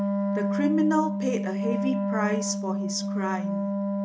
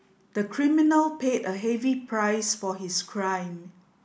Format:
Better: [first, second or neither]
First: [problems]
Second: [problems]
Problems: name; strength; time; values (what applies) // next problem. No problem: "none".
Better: second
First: noise reduction (neural mask model RNNoise)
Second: none